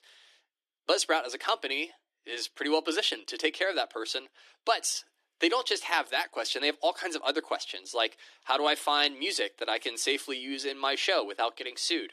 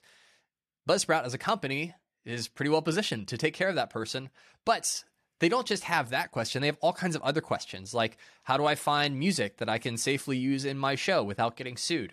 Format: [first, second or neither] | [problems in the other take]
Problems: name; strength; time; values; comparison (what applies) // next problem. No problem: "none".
second | thin; somewhat; fading below 300 Hz